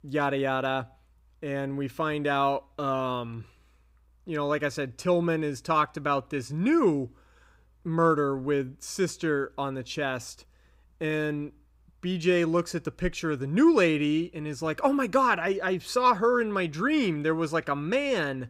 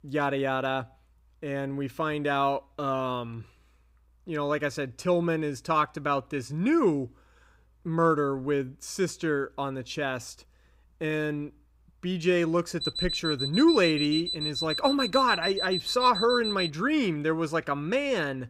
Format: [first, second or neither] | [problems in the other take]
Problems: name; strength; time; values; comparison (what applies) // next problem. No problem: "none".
first | alarm; noticeable; from 13 to 17 s; peak 2 dB below the speech